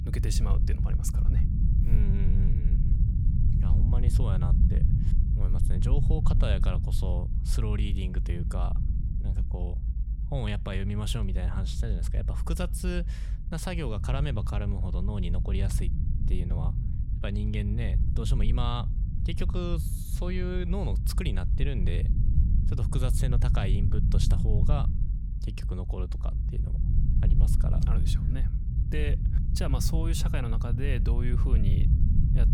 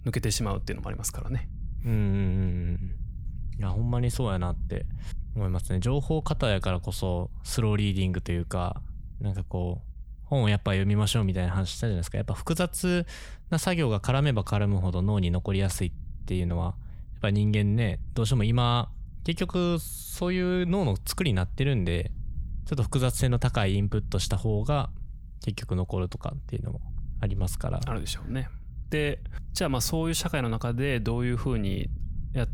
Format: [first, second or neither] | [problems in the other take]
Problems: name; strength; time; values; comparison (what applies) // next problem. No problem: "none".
second | low rumble; loud; throughout; 5 dB below the speech; faint in the second